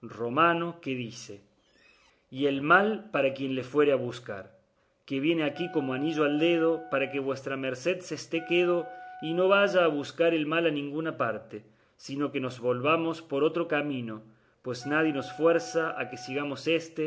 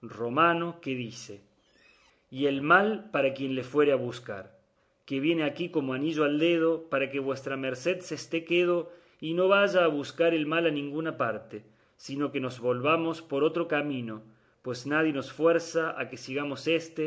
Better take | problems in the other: second | background sound (Wind instrument, woodwind instrument); 17 dB below the speech

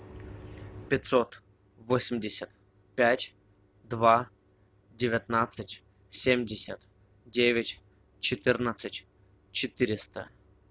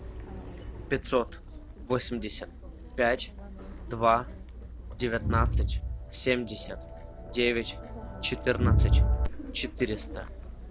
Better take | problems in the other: first | background sound (Crowd); 1 dB above the speech

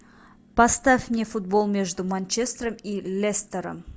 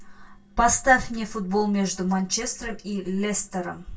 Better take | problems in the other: first | room echo; dies away in 0.2 s

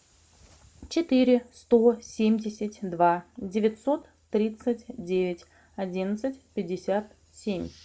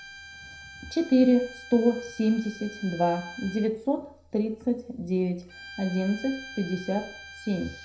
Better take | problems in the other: first | background sound (Bowed string instrument); 17 dB below the speech // room echo; dies away in 0.5 s

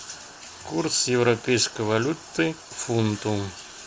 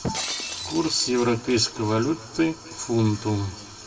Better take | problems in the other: first | background sound (Shatter); 11 dB below the speech // room echo; dies away in 1.8 s

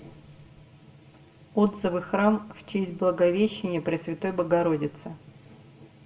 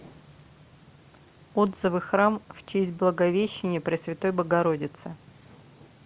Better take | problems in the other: second | room echo; dies away in 0.6 s

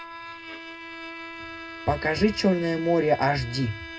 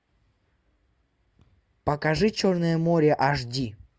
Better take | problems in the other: second | background sound (Bowed string instrument); 12 dB below the speech // room echo; dies away in 0.2 s

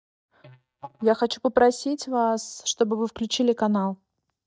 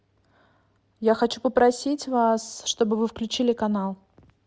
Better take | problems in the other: second | noise reduction (neural mask model DeepFilterNet 3)

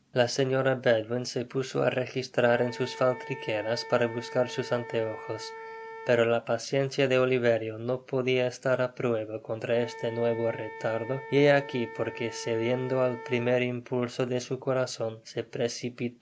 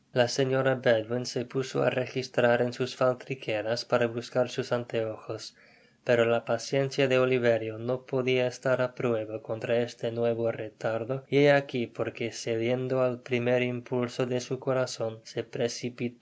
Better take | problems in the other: second | background sound (Wind instrument, woodwind instrument); 17 dB below the speech

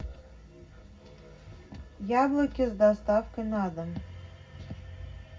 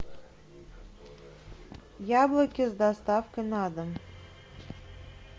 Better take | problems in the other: second | room echo; dies away in 0.4 s

